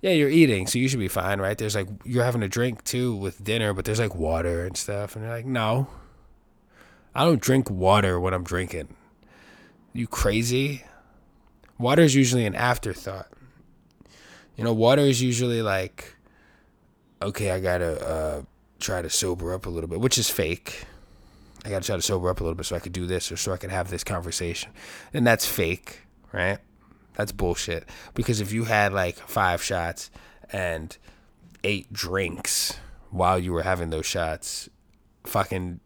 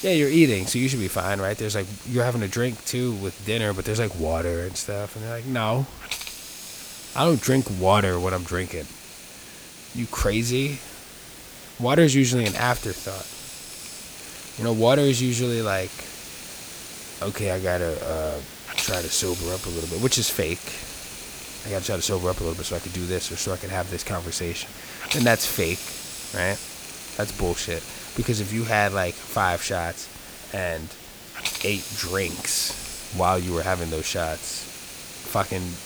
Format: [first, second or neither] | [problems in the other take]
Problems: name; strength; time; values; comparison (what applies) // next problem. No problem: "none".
first | hiss; noticeable; throughout; 10 dB below the speech